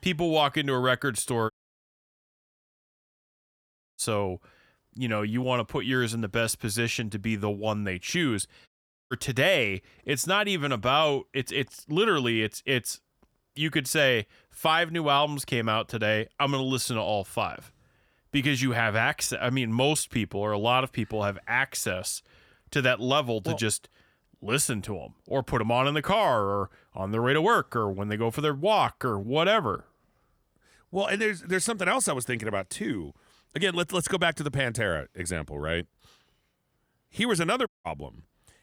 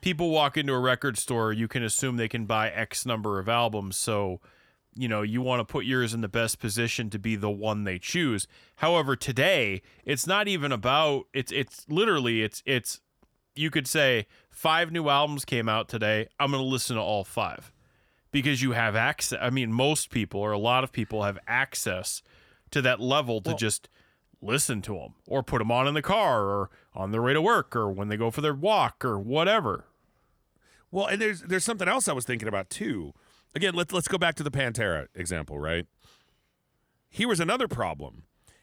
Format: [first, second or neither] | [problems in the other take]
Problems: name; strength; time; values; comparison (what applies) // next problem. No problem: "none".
second | audio cutting out; at 1.5 s for 2.5 s, at 8.5 s and at 38 s